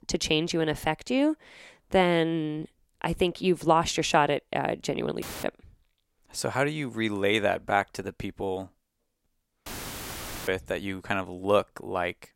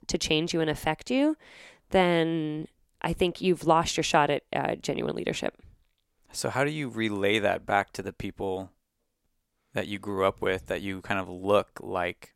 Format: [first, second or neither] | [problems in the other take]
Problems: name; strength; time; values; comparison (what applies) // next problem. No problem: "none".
second | audio cutting out; filled with static; at 5 s and at 9.5 s for 1 s